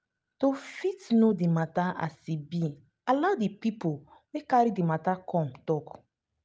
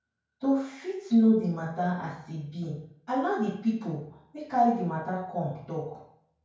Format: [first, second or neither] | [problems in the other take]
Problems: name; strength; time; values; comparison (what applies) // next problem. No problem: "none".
first | room echo; dies away in 0.5 s